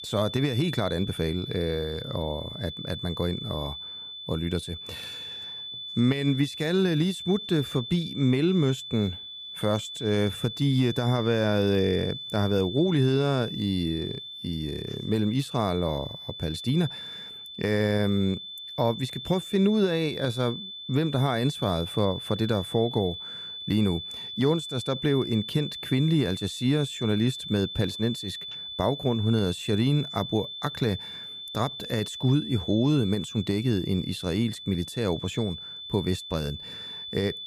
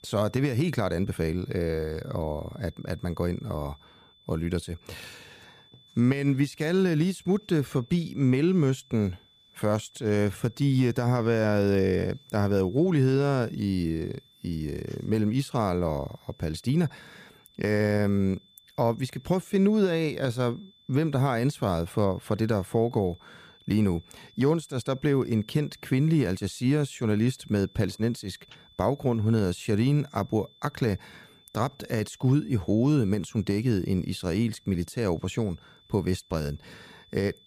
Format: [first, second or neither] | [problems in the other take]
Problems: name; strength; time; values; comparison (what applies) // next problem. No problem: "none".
second | high-pitched whine; loud; throughout; 3.5 kHz, 9 dB below the speech; faint in the second